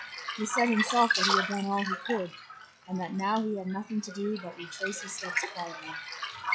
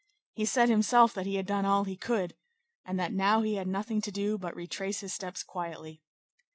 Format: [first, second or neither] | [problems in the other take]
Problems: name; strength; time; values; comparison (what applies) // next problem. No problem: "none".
second | noise reduction (classical method log-MMSE)